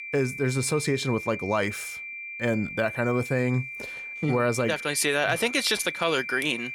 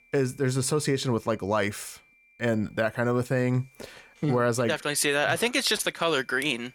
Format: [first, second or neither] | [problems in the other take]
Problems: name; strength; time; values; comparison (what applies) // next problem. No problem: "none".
second | high-pitched whine; loud; throughout; 2.5 kHz, 9 dB below the speech; faint in the second